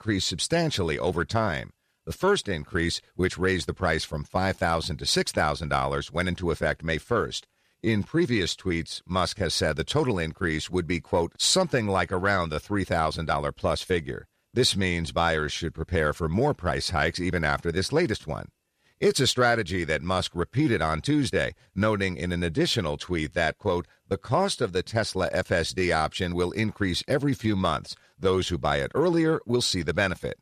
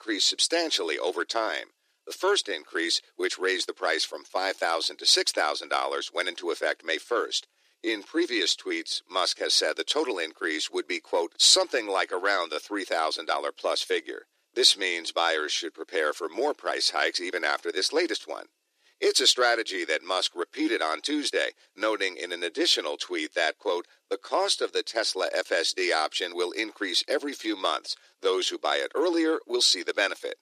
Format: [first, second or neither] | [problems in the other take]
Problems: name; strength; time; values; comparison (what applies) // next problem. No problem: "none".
first | thin; very; fading below 300 Hz